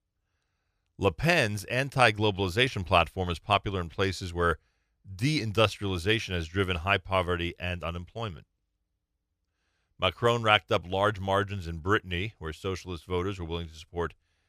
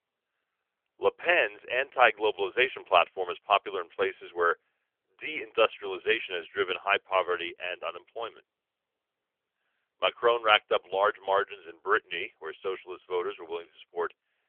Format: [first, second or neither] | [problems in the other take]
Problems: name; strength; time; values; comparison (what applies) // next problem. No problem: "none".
first | phone-call audio; nothing above 3.5 kHz